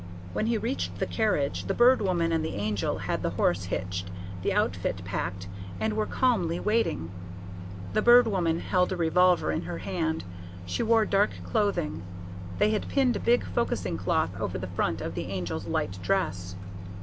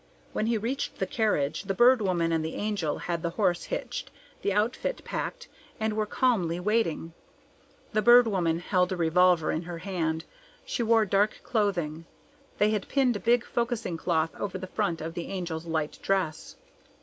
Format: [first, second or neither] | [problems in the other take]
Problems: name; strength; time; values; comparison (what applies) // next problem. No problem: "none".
second | background sound (Microwave oven); 8 dB below the speech